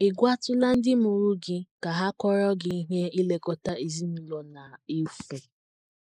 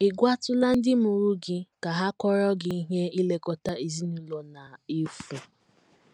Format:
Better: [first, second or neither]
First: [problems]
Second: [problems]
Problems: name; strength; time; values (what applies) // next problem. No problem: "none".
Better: second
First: noise reduction (neural mask model Resemble Enhance denoiser)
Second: none